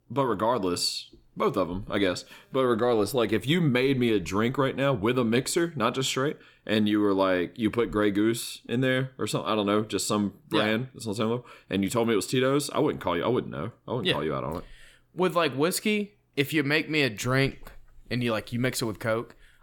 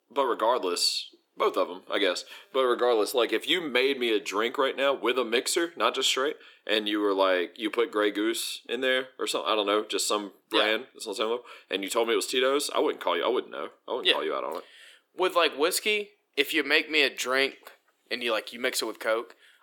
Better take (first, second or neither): first